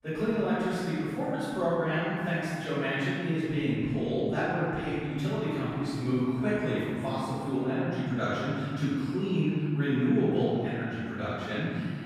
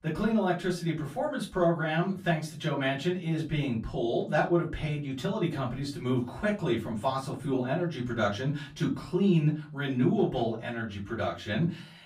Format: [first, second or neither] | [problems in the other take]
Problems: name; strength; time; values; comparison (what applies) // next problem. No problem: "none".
second | room echo; strong; dies away in 2.1 s; slight in the second // off-mic speech; far; far in the second